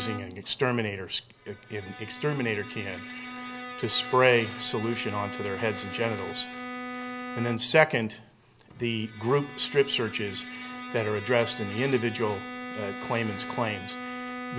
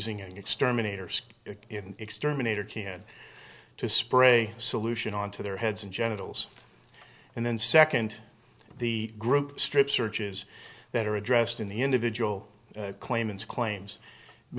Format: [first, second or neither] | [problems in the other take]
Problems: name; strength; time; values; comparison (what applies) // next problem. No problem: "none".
second | background sound (Bowed string instrument); 10 dB below the speech